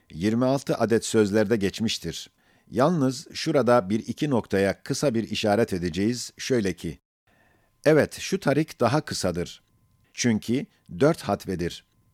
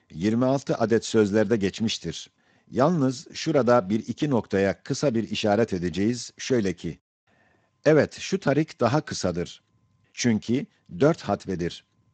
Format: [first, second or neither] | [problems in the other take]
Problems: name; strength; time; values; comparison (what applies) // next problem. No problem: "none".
first | garbled, watery; slightly; nothing above 7.5 kHz